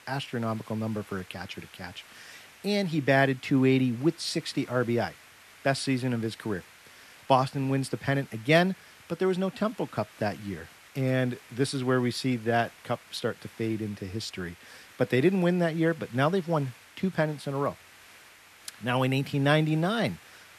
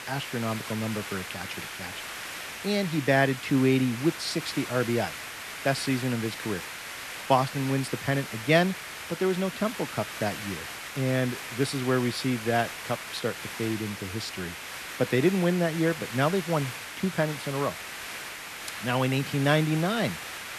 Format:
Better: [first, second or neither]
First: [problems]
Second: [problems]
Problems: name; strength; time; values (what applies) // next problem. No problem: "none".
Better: first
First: hiss; faint; throughout; 25 dB below the speech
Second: hiss; loud; throughout; 8 dB below the speech